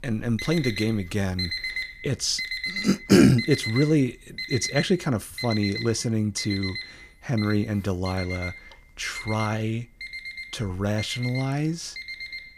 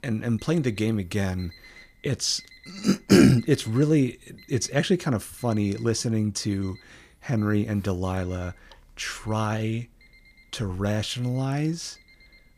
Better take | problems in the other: second | alarms or sirens; loud; throughout; 8 dB below the speech; faint in the second

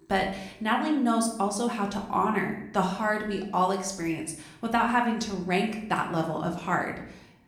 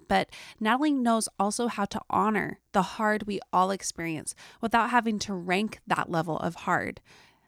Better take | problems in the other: second | room echo; slight; dies away in 0.6 s // off-mic speech; somewhat distant

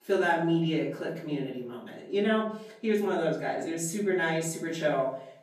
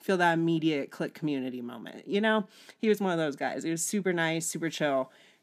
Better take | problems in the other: second | off-mic speech; far // room echo; noticeable; dies away in 0.6 s

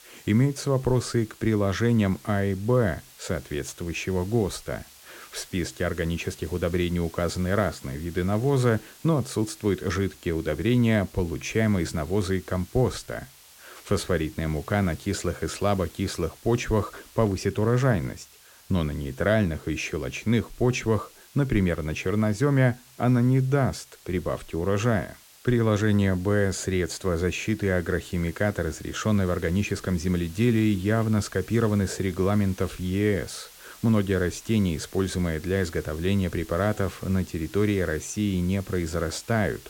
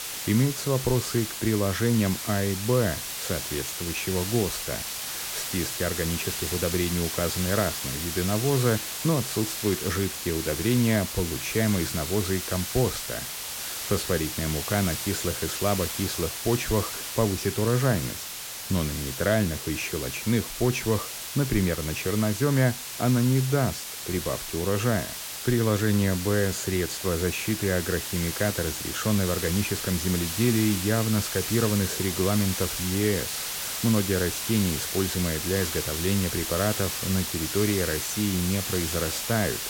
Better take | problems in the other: first | hiss; loud; throughout; 4 dB below the speech; faint in the first

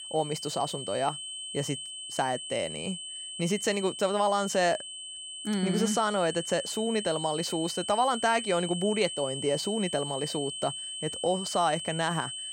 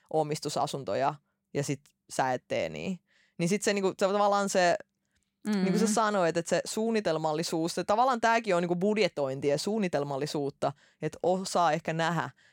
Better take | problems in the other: second | high-pitched whine; loud; throughout; 3 kHz, 6 dB below the speech

